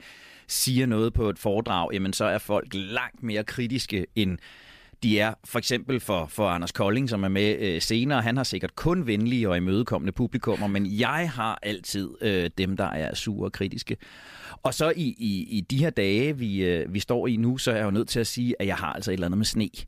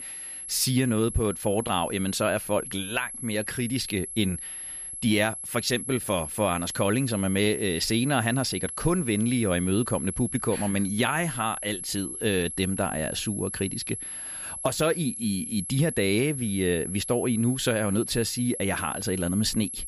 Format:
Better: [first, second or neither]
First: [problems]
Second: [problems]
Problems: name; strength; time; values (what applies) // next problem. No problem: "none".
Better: first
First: none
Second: high-pitched whine; loud; throughout; 11 kHz, 7 dB below the speech